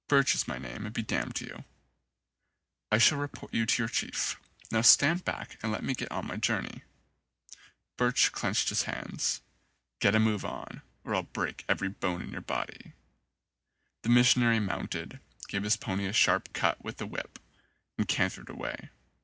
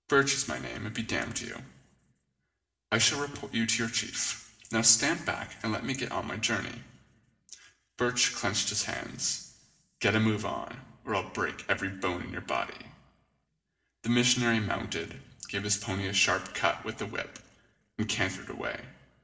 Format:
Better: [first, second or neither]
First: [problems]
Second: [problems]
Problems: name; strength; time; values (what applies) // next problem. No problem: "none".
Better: first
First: none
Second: room echo; dies away in 0.8 s